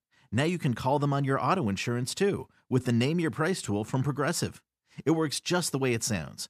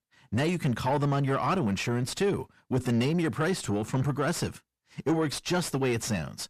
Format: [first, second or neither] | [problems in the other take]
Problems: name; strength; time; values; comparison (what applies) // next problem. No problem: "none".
first | distortion; slight; 10 dB below the speech